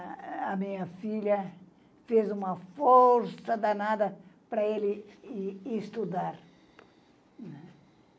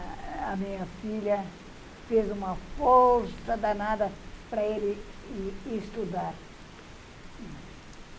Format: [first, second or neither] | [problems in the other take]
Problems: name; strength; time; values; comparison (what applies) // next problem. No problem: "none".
first | background sound (Rain); 13 dB below the speech